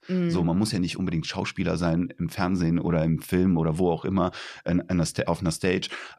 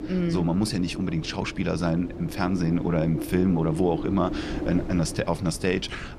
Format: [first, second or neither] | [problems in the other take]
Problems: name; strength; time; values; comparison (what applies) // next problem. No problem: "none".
first | wind noise on the microphone; heavy; 9 dB below the speech